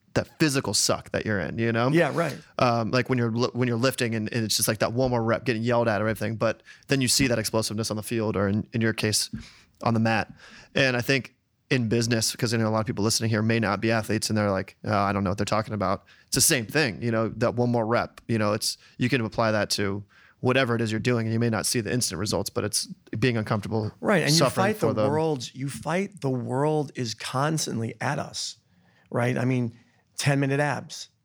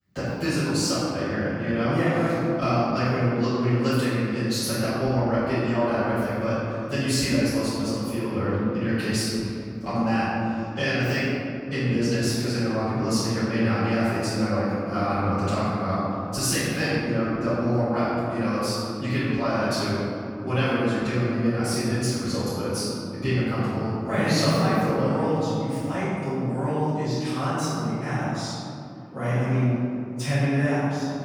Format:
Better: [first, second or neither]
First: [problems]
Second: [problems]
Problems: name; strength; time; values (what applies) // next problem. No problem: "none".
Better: first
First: none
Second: off-mic speech; far // room echo; strong; dies away in 2.9 s